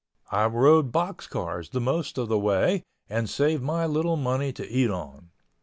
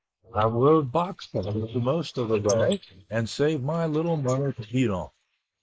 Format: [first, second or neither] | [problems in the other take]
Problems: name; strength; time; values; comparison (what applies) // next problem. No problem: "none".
first | noise reduction (neural mask model Resemble Enhance denoiser)